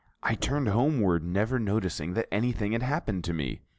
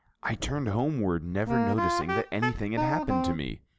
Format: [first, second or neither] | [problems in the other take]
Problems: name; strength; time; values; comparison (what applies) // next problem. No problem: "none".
first | background sound (Wind instrument, woodwind instrument); 1 dB above the speech